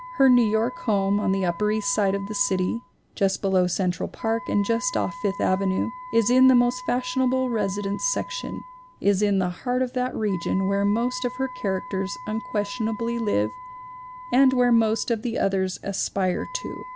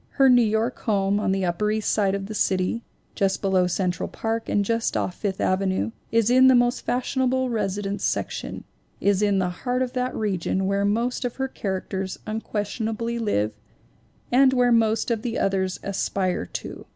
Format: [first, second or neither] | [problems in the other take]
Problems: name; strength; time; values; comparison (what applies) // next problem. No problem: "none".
second | background sound (Wind instrument, woodwind instrument); 16 dB below the speech